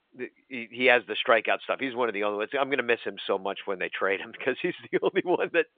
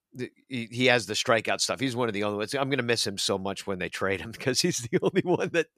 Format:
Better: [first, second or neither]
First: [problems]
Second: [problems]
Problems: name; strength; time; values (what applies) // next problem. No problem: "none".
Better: second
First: phone-call audio; nothing above 3 kHz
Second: none